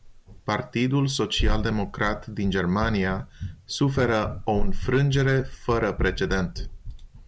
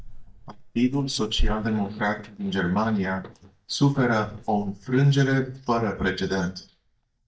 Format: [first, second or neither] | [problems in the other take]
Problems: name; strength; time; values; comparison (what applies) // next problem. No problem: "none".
first | noise reduction (neural mask model DeepFilterNet 3)